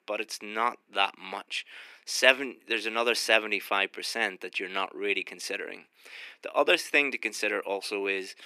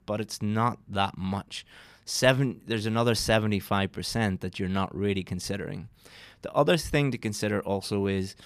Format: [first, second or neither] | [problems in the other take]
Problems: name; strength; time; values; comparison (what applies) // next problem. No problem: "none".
second | thin; very; fading below 300 Hz